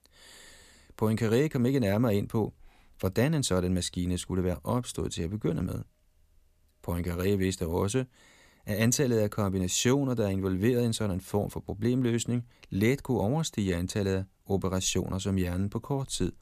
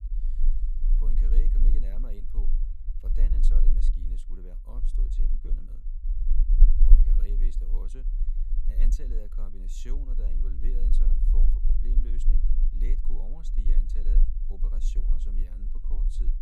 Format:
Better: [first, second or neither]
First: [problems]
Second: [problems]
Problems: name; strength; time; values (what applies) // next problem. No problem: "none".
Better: first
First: none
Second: low rumble; loud; throughout; 2 dB below the speech